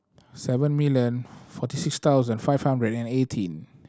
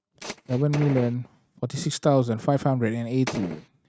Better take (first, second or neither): first